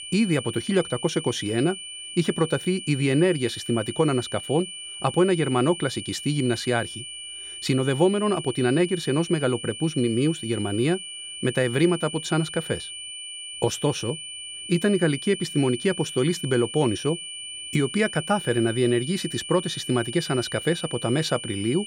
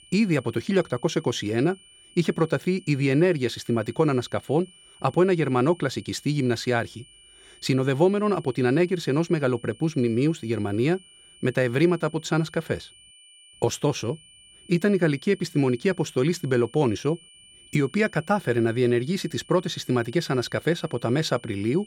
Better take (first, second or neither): second